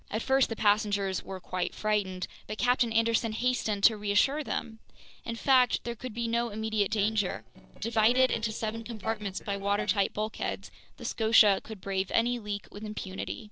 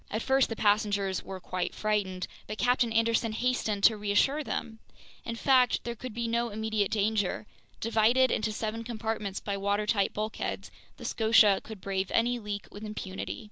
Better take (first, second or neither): second